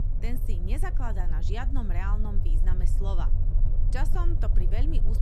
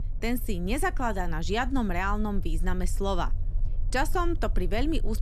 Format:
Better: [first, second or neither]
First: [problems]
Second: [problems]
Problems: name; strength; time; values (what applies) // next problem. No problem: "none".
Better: second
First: low rumble; loud; throughout; 7 dB below the speech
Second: low rumble; faint; throughout; 25 dB below the speech